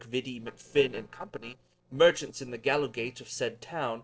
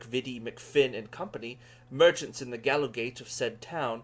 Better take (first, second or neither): second